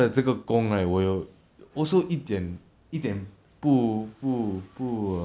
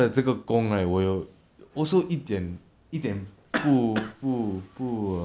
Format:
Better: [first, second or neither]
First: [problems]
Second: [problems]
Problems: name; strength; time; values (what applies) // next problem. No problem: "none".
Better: first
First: none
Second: background sound (Cough); 8 dB below the speech